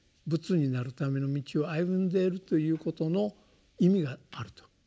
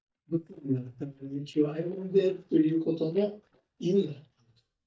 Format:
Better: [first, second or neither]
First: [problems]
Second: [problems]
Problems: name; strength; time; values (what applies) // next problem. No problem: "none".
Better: first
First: none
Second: noise reduction (neural mask model DeepFilterNet 3)